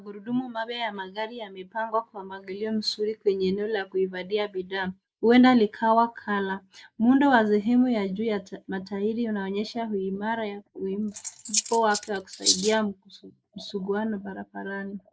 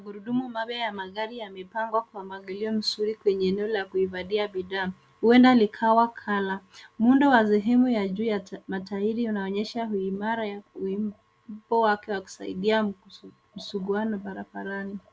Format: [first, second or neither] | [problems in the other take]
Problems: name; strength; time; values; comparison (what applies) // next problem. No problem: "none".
second | noise reduction (neural mask model Resemble Enhance denoiser)